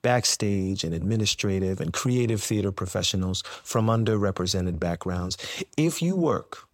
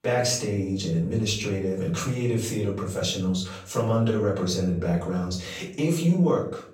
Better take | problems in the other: first | room echo; slight; dies away in 0.5 s // off-mic speech; far

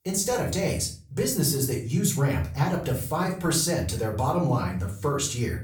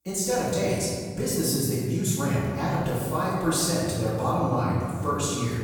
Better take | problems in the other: first | room echo; strong; dies away in 2 s; slight in the first // off-mic speech; far; far in the first

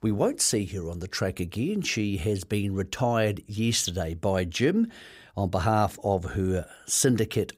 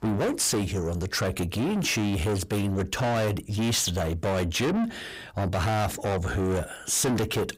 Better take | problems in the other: first | distortion; heavy; 6 dB below the speech

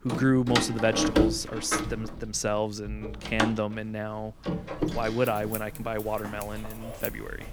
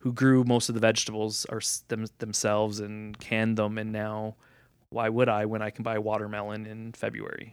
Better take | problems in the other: second | household noises; loud; throughout; 2 dB below the speech

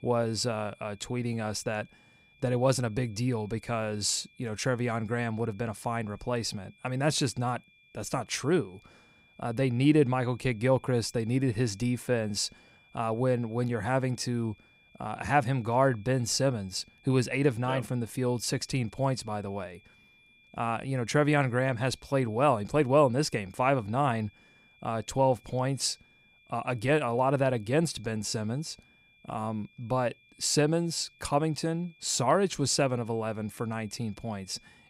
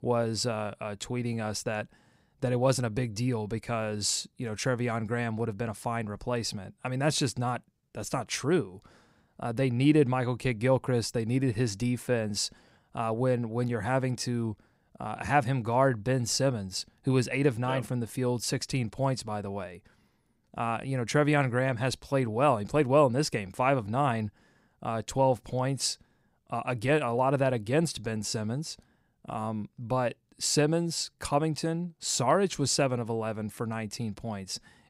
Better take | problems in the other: second | high-pitched whine; faint; throughout; 2.5 kHz, 30 dB below the speech

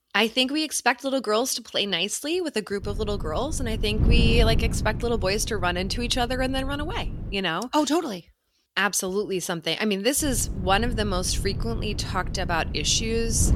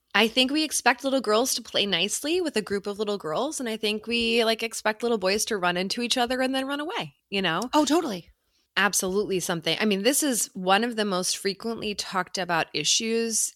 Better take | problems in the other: second | wind noise on the microphone; occasional gusts; from 3 to 7.5 s and from 10 s on; 15 dB below the speech

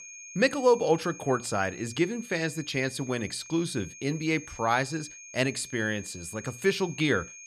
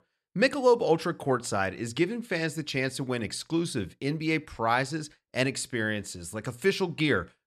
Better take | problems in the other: second | high-pitched whine; noticeable; throughout; 6.5 kHz, 15 dB below the speech

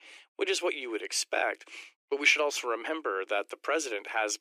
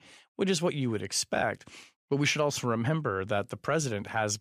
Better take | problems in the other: second | thin; very; fading below 300 Hz

